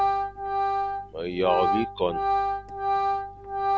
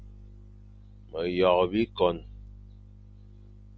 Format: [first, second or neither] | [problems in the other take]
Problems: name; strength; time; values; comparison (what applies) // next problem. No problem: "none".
second | background sound (Organ); 5 dB above the speech